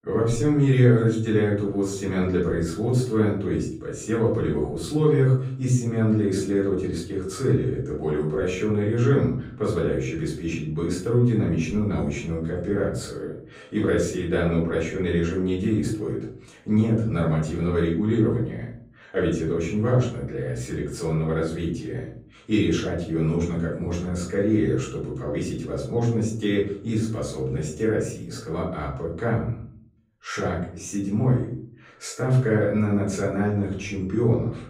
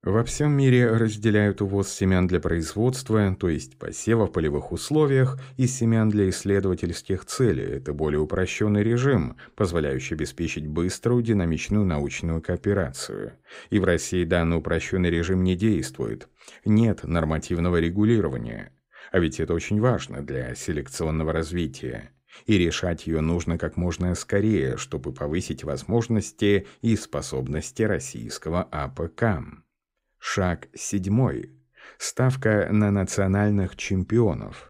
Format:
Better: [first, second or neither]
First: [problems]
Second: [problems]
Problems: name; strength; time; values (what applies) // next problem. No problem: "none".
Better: second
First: off-mic speech; far // room echo; noticeable; dies away in 0.5 s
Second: none